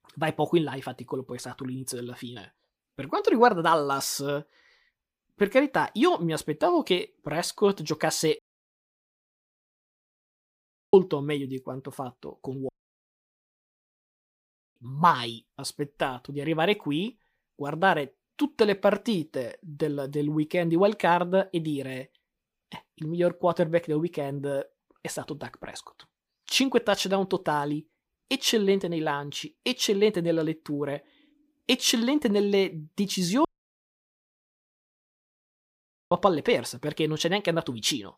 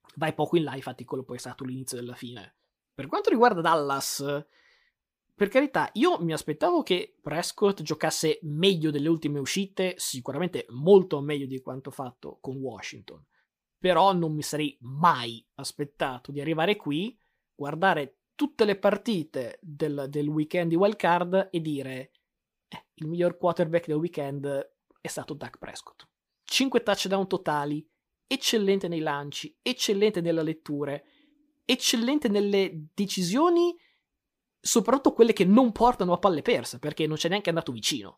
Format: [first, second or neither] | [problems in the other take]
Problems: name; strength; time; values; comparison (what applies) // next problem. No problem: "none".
second | audio cutting out; at 8.5 s for 2.5 s, at 13 s for 2 s and at 33 s for 2.5 s